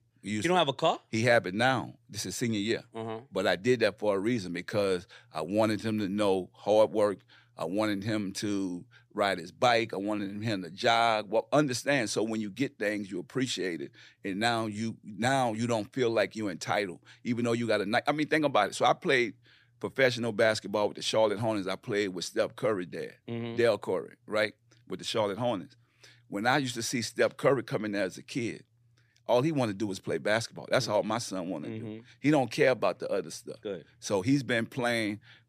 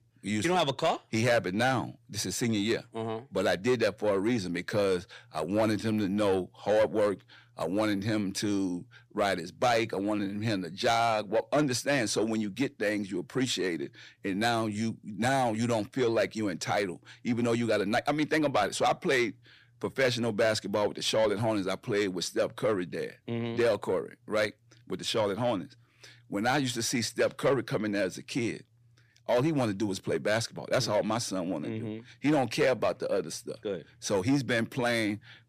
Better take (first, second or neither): first